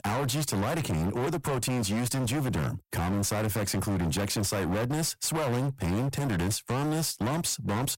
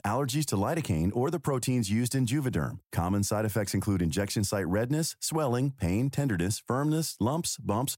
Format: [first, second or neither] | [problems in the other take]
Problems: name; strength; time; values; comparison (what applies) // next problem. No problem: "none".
second | distortion; heavy; 42% of the sound clipped